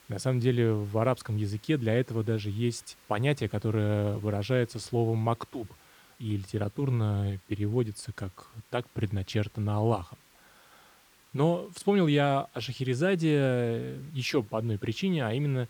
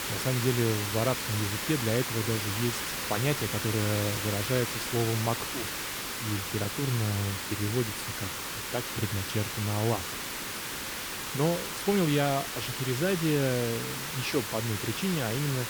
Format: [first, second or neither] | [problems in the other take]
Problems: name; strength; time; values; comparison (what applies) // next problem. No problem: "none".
first | hiss; loud; throughout; 2 dB below the speech; faint in the first